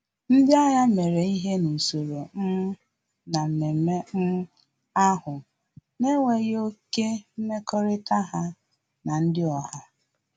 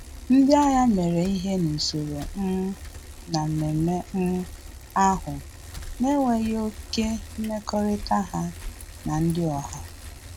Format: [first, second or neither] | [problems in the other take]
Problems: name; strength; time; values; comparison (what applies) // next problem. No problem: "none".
first | background sound (Bicycle); 14 dB below the speech